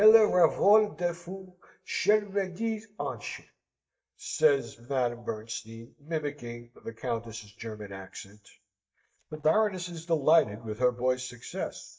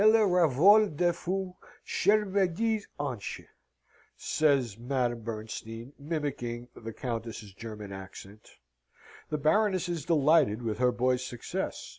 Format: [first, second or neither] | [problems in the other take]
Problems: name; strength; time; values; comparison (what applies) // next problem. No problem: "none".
second | noise reduction (neural mask model DeepFilterNet 3)